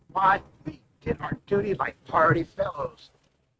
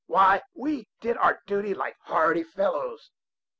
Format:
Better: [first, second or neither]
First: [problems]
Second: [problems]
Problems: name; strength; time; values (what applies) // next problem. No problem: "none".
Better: second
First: noise reduction (neural mask model RNNoise)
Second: none